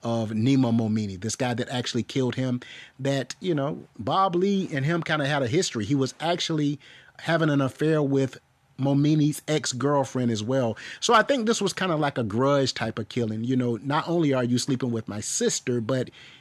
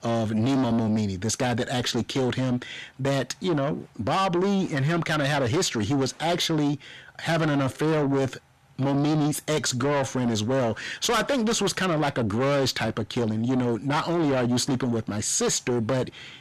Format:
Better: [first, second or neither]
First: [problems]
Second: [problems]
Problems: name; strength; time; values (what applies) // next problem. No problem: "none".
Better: first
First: none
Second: distortion; heavy; 7 dB below the speech